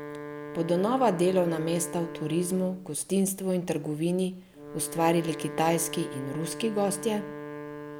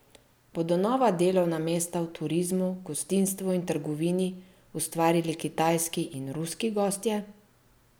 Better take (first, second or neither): second